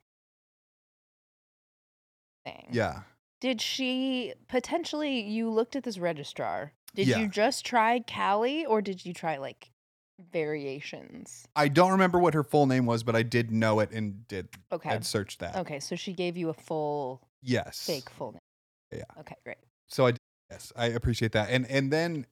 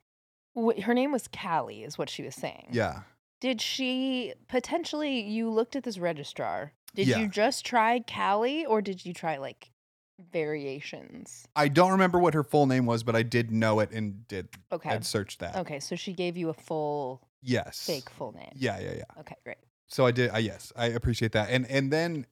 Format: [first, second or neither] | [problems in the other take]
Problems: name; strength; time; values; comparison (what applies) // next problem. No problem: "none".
second | audio cutting out; at 0.5 s for 2 s, at 18 s for 0.5 s and at 20 s